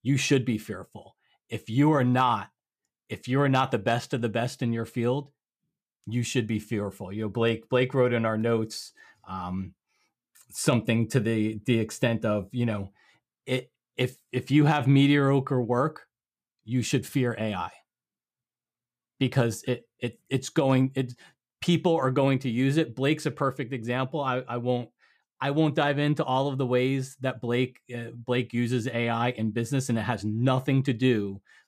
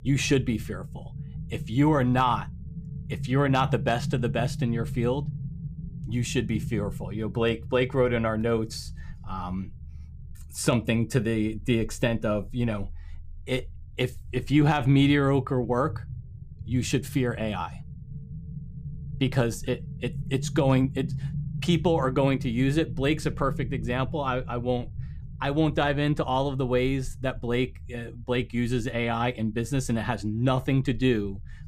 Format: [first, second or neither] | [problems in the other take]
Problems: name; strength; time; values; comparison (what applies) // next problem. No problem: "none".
first | low rumble; noticeable; throughout; 20 dB below the speech